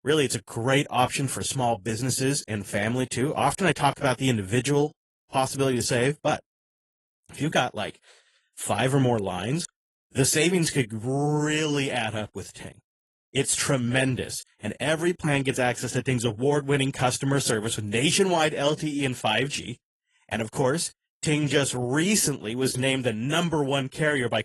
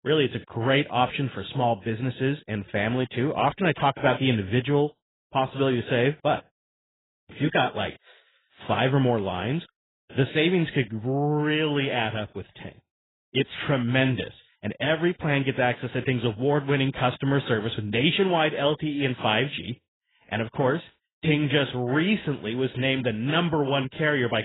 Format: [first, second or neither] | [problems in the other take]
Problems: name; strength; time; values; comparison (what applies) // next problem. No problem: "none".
first | garbled, watery; badly; nothing above 3.5 kHz; slightly in the first